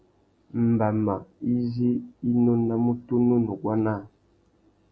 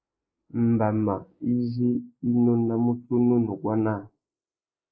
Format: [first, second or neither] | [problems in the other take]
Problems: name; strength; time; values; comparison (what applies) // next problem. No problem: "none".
first | noise reduction (neural mask model Resemble Enhance denoiser)